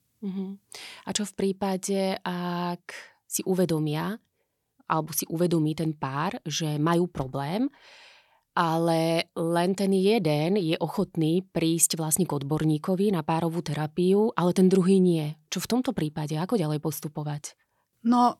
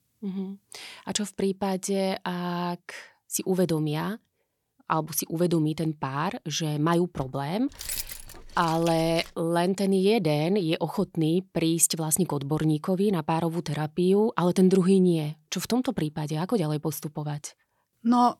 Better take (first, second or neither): first